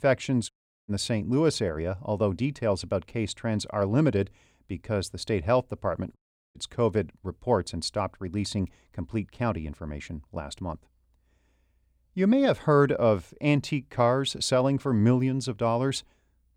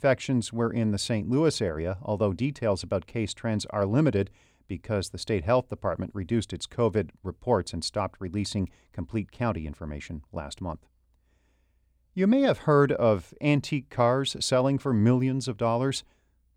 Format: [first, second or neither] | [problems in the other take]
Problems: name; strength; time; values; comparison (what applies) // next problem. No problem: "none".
second | audio cutting out; at 0.5 s and at 6 s